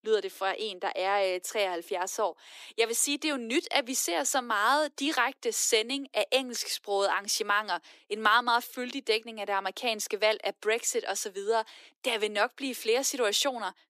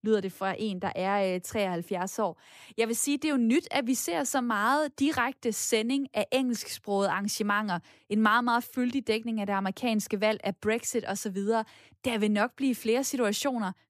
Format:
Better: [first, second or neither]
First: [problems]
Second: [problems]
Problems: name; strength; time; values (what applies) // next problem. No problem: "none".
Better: second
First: thin; somewhat; fading below 300 Hz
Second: none